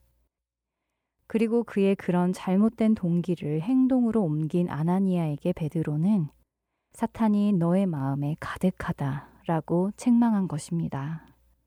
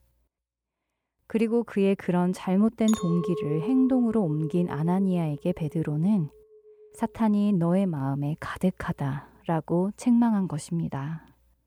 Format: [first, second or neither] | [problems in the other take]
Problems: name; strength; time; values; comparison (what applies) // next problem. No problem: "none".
first | clattering dishes; noticeable; from 3 to 6 s; peak 7 dB below the speech